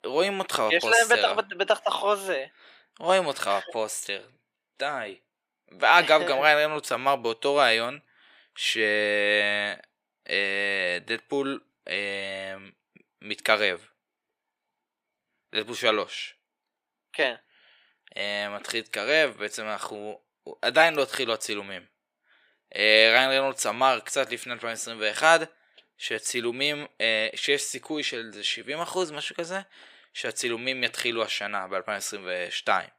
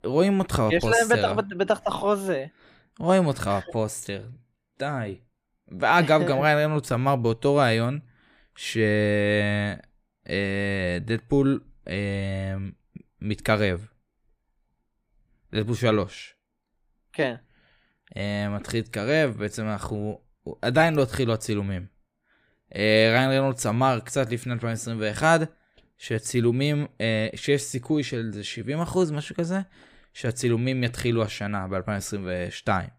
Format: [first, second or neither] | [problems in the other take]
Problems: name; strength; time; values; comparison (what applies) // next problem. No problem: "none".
second | thin; very; fading below 500 Hz